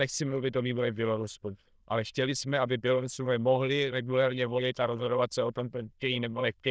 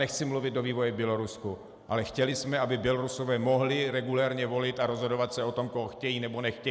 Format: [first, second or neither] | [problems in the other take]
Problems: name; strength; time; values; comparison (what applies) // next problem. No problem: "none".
second | noise reduction (neural diffusion model UNIVERSE++)